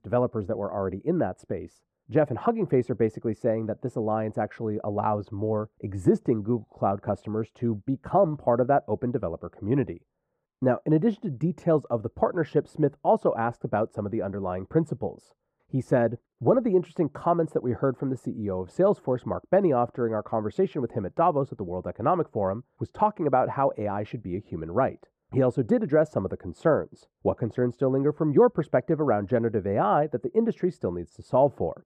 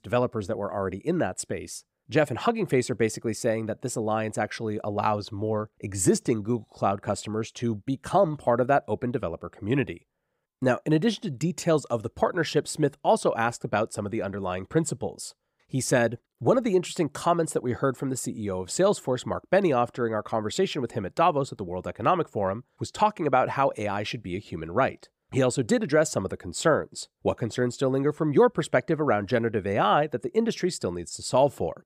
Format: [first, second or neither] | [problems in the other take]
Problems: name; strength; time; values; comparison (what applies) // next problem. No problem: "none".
second | muffled; very; fading above 2 kHz